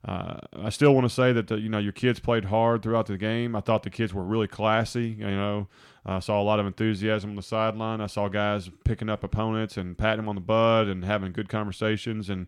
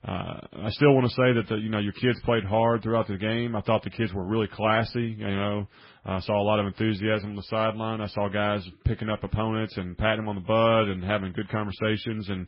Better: first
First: none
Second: garbled, watery; badly; nothing above 5 kHz

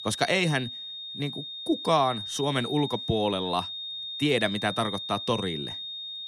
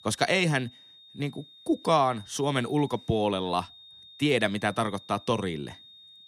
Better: second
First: high-pitched whine; loud; throughout; 3.5 kHz, 6 dB below the speech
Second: high-pitched whine; faint; throughout; 3.5 kHz, 20 dB below the speech

